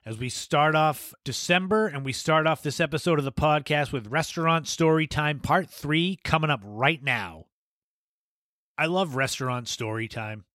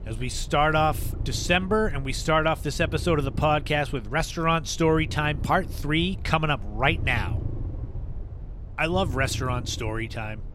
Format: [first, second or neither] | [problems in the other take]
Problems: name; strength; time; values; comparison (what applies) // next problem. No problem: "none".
first | low rumble; faint; throughout; 20 dB below the speech